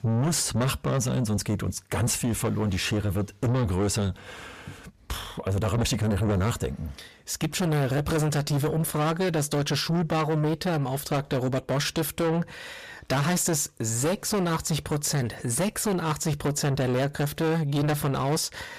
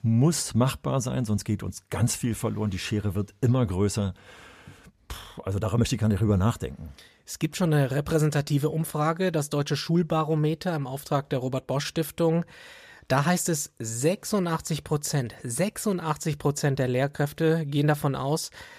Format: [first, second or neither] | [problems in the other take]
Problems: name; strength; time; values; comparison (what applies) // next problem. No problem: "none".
second | distortion; heavy; 6 dB below the speech